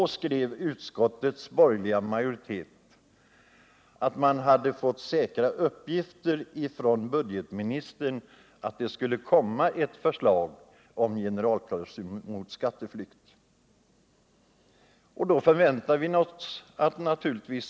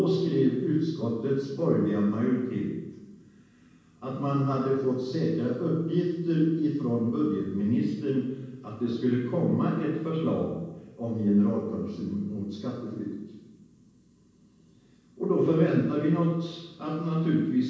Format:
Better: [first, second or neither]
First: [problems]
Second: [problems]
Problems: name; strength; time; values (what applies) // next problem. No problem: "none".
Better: first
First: none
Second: room echo; dies away in 1.2 s